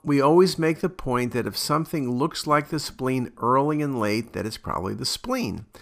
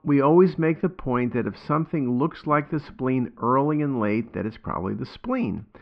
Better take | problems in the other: first | muffled; very; fading above 2.5 kHz

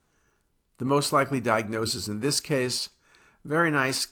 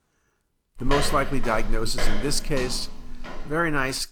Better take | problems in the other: first | footsteps; noticeable; from 1 s on; peak 2 dB below the speech

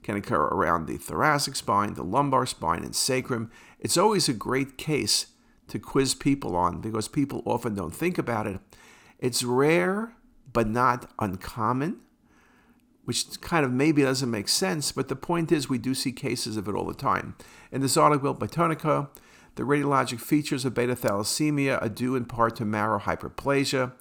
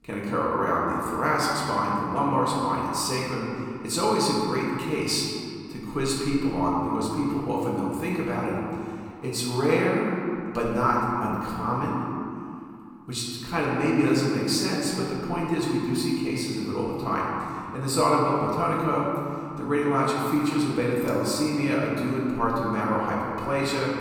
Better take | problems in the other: first | off-mic speech; far // room echo; noticeable; dies away in 2.3 s

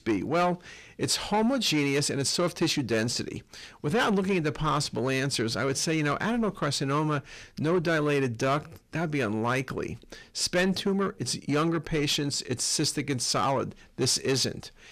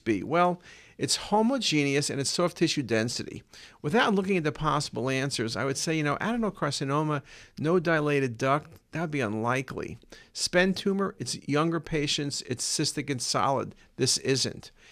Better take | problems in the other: second | distortion; slight; 10 dB below the speech

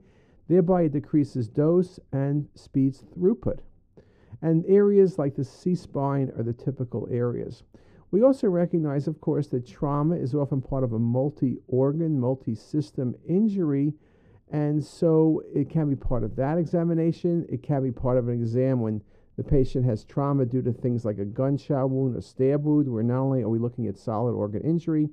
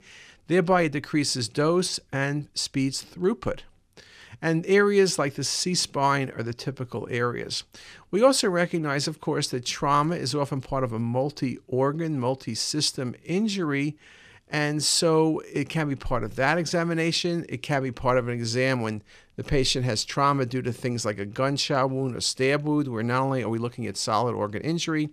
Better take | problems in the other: second | muffled; very; fading above 1 kHz

